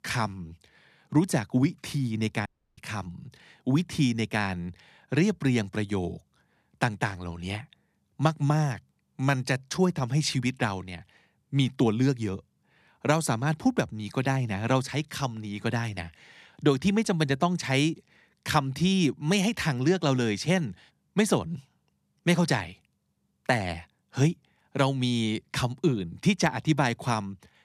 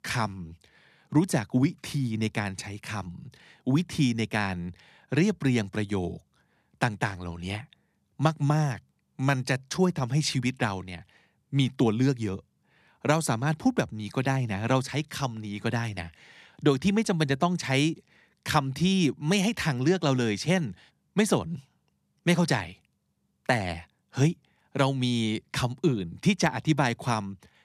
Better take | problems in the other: second | audio cutting out; at 2.5 s

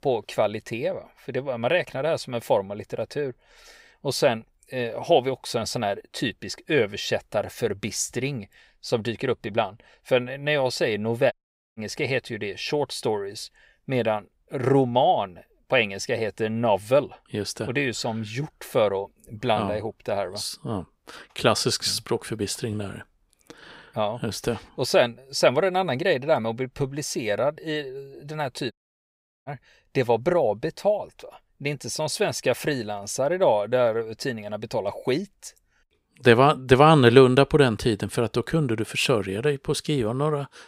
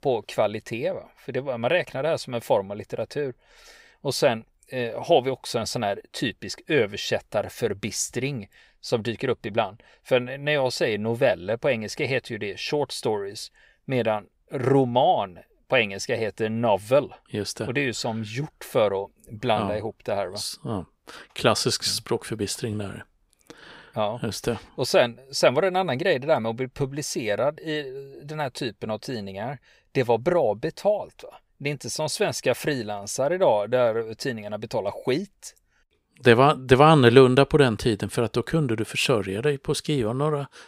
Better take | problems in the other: second | audio cutting out; at 11 s and at 29 s for 0.5 s

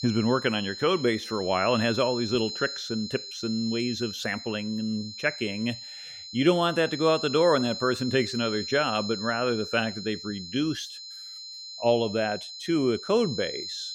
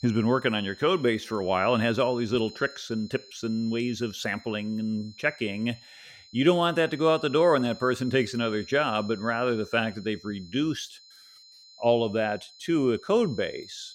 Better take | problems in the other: second | high-pitched whine; loud; throughout; 4 kHz, 9 dB below the speech; faint in the second

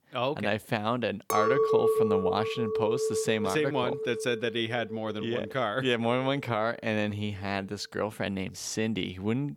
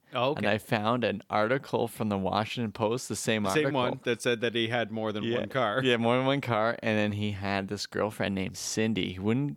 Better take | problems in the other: second | clattering dishes; loud; from 1.5 to 5.5 s; peak 6 dB above the speech

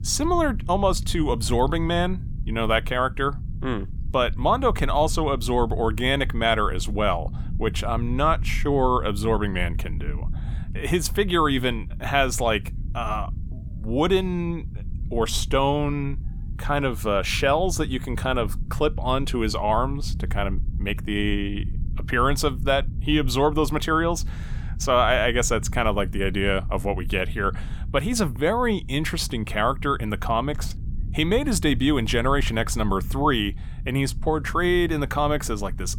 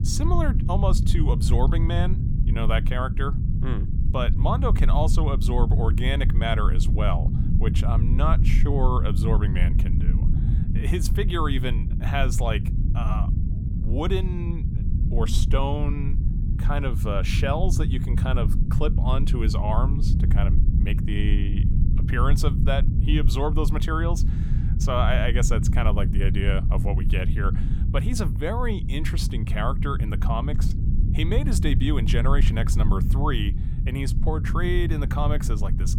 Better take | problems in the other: first | low rumble; loud; throughout; 8 dB below the speech; faint in the first

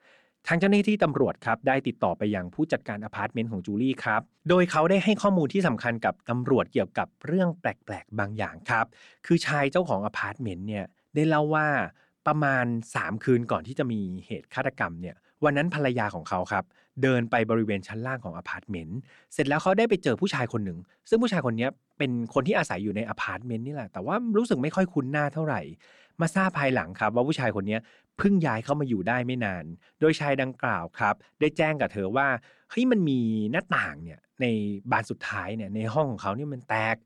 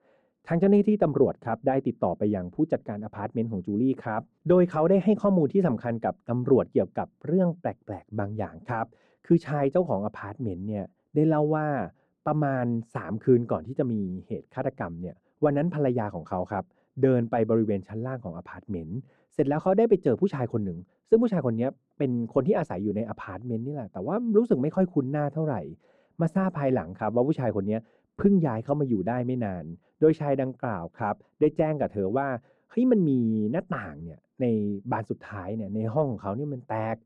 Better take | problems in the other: first | muffled; very; fading above 1.5 kHz

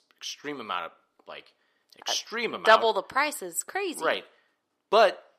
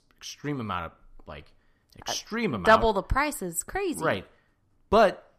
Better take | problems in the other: second | thin; somewhat; fading below 450 Hz

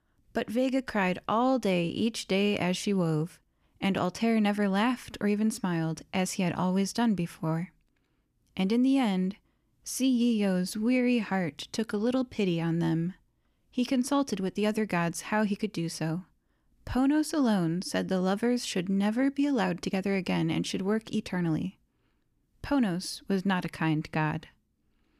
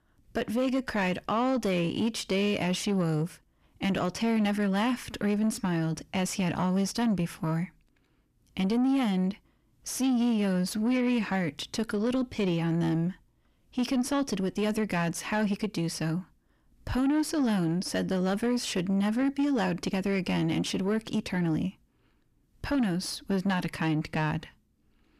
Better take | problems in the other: first | distortion; slight; 10 dB below the speech

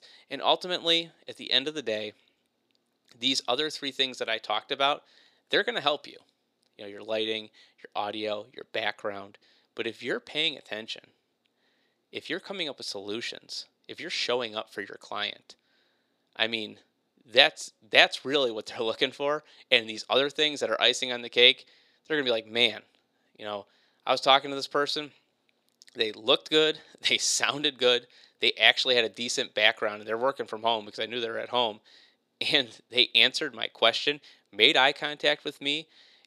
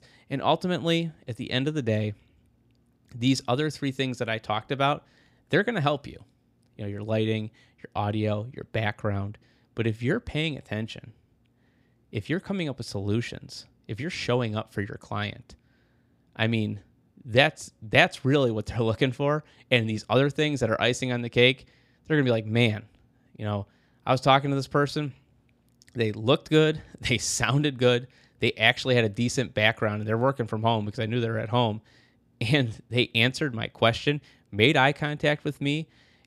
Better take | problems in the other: second | thin; somewhat; fading below 450 Hz

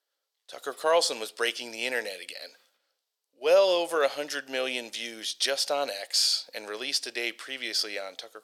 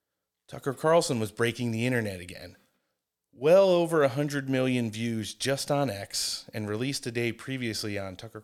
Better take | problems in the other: second | thin; very; fading below 450 Hz

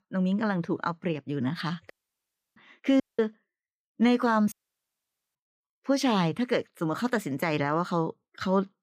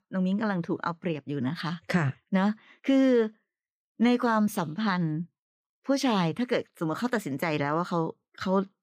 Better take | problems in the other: second | audio cutting out; at 2 s for 0.5 s, at 3 s and at 4.5 s for 1 s

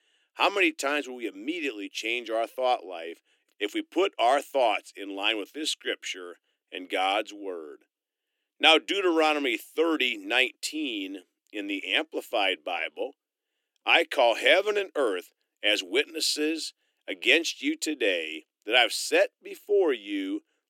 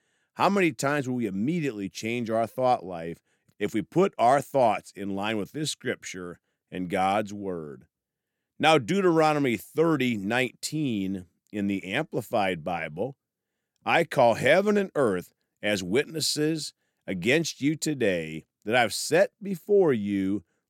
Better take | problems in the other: second | thin; somewhat; fading below 300 Hz

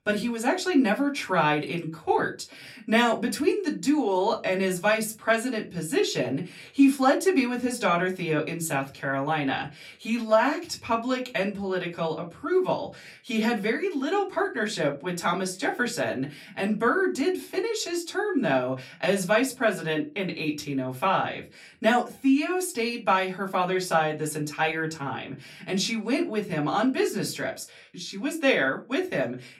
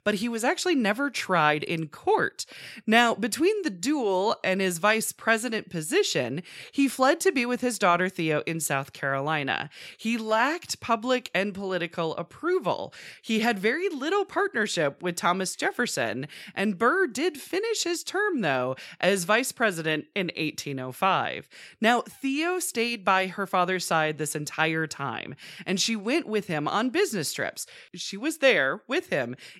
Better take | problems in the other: second | off-mic speech; far // room echo; very slight; dies away in 0.2 s

